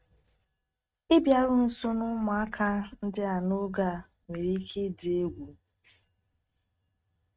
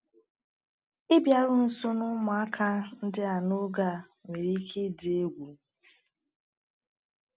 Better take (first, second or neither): second